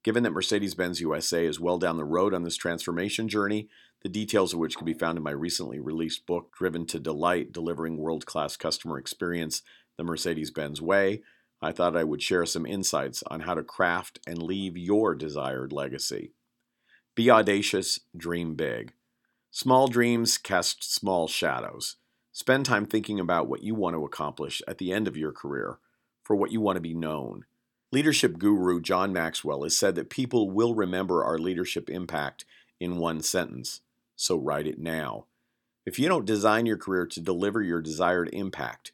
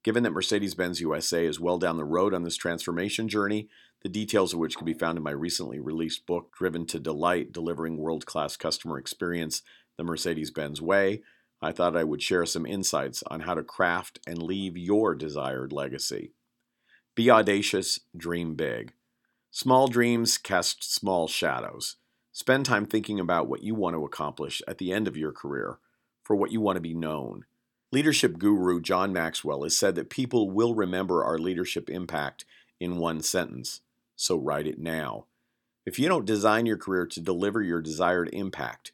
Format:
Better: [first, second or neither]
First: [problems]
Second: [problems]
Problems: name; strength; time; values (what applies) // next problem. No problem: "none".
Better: neither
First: none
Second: none